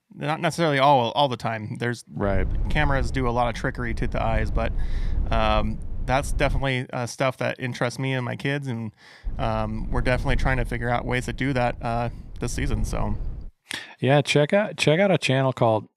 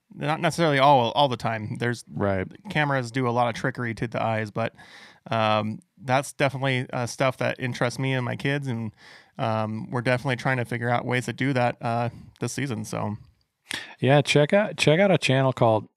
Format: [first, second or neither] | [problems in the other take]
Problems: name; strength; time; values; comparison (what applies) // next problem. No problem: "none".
second | low rumble; faint; from 2 to 6.5 s and from 9.5 to 13 s; 25 dB below the speech